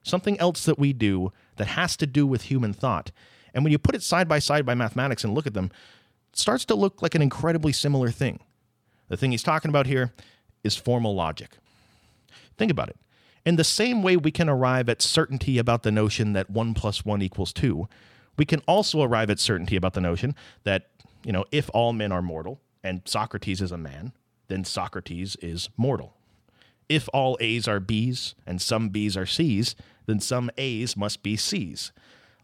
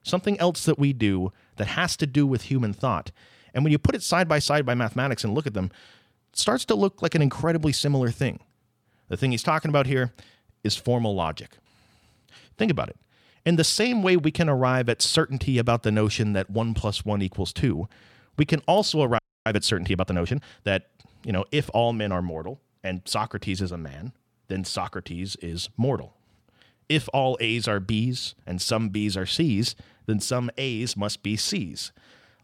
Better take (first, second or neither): first